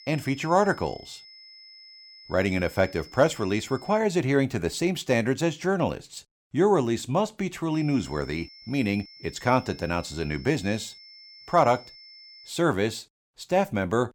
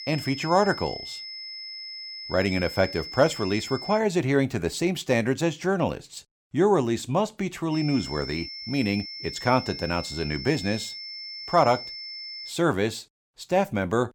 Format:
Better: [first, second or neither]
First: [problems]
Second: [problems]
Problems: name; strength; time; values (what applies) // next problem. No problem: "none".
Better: first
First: high-pitched whine; faint; until 4 s and from 7.5 to 13 s; 5 kHz, 20 dB below the speech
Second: high-pitched whine; loud; until 4 s and from 7.5 to 13 s; 5 kHz, 10 dB below the speech